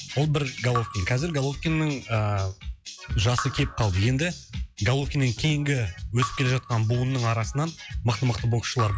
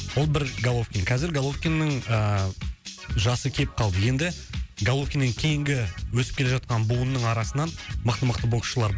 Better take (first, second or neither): second